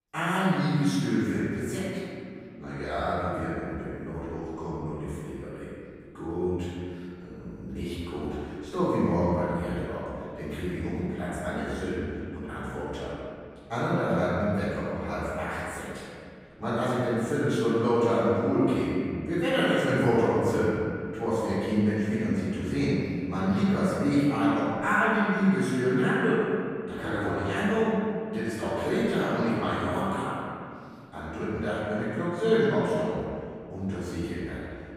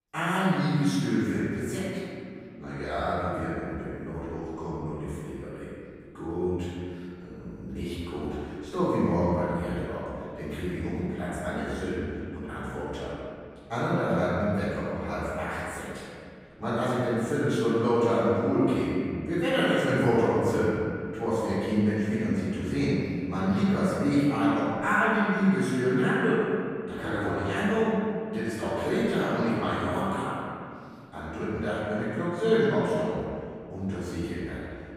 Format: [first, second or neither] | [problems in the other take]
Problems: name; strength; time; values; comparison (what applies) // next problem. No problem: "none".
neither | off-mic speech; far; the same in both // room echo; strong; dies away in 2.2 s; the same in both